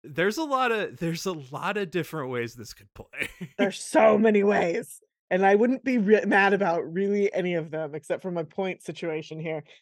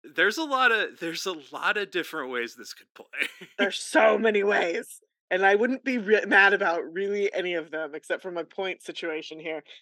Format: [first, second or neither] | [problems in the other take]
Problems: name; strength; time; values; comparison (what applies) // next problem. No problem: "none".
first | thin; very slightly; fading below 250 Hz